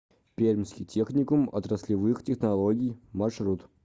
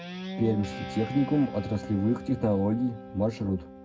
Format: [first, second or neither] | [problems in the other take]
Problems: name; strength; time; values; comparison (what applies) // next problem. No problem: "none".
first | background sound (Guitar); 11 dB below the speech // room echo; dies away in 0.3 s